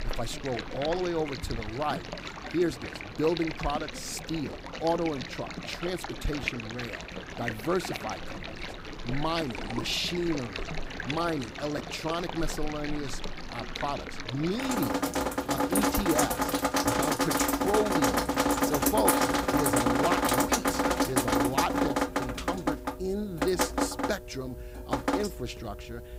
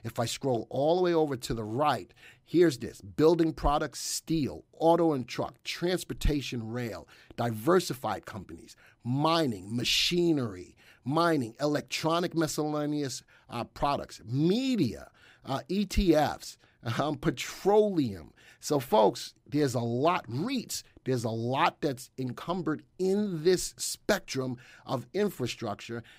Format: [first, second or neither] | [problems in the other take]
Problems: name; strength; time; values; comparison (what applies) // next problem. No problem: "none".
second | rain or running water; very loud; throughout; 2 dB above the speech